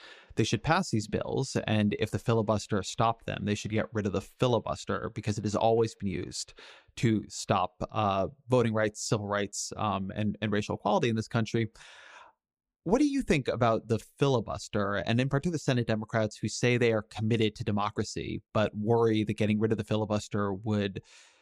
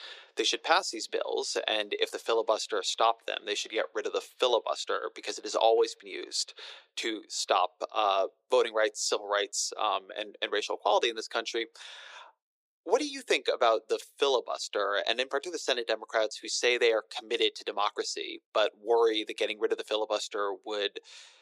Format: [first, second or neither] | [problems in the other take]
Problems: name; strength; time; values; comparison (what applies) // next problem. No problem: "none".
first | thin; very; fading below 400 Hz